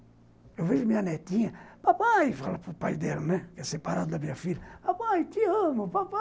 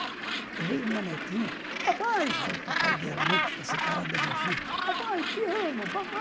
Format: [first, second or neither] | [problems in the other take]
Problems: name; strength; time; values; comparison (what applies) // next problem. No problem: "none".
first | background sound (Gull, seagull); 1 dB above the speech